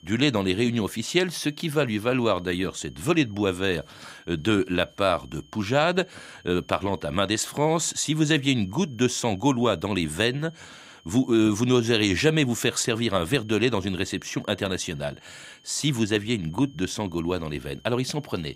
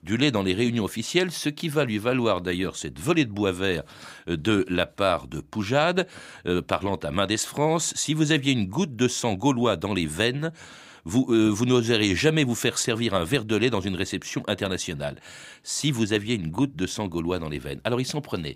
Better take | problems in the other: second | high-pitched whine; faint; throughout; 3 kHz, 30 dB below the speech

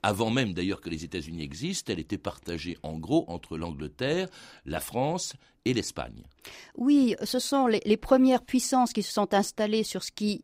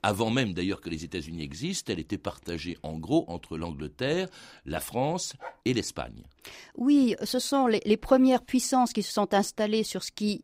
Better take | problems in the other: first | dog barking; faint; at 5.5 s; peak 15 dB below the speech

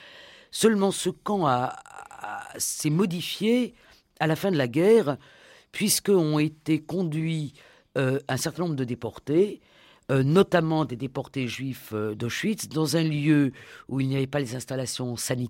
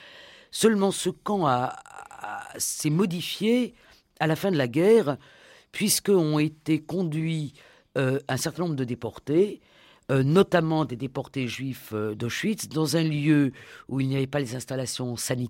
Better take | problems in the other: neither | none

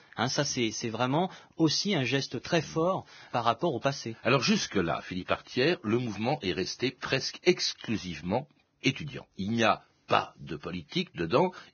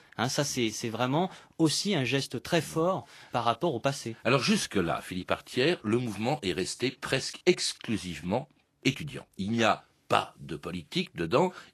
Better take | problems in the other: second | garbled, watery; badly; nothing above 6.5 kHz; slightly in the second

